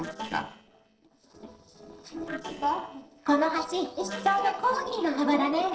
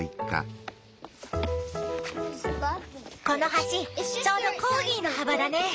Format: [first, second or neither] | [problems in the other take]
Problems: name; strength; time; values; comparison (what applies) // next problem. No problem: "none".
second | noise reduction (neural separator model SepFormer DNS4)